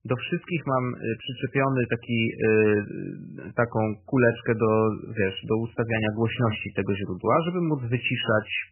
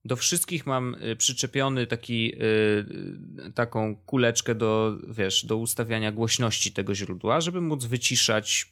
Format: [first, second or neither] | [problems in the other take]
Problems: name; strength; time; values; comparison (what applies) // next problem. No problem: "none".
second | garbled, watery; badly; nothing above 3 kHz